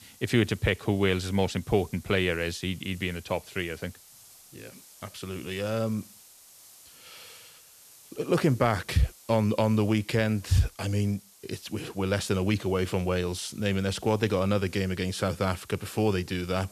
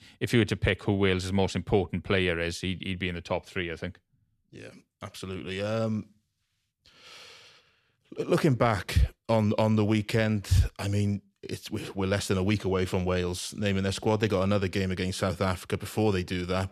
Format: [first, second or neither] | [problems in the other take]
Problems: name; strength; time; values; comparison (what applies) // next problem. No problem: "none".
second | hiss; faint; throughout; 25 dB below the speech